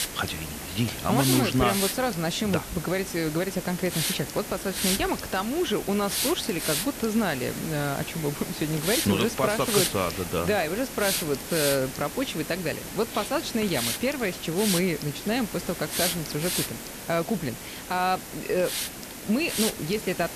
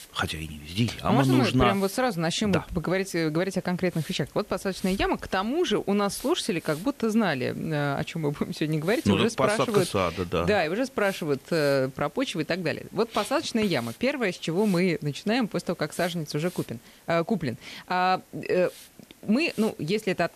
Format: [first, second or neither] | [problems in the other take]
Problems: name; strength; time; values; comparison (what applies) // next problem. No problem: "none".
second | hiss; loud; throughout; 3 dB below the speech; faint in the second